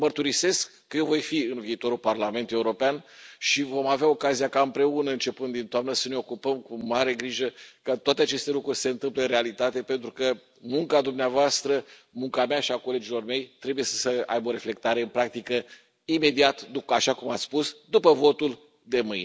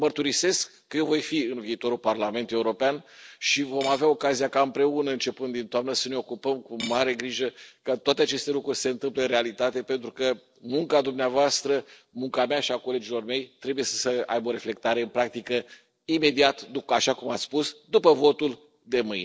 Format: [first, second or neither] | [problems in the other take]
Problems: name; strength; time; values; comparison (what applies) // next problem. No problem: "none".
first | noise reduction (neural separator model SepFormer DNS4)